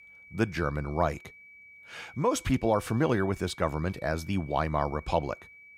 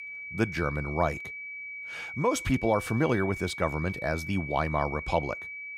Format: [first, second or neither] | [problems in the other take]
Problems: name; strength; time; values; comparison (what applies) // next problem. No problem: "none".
first | high-pitched whine; loud; throughout; 2.5 kHz, 8 dB below the speech; faint in the first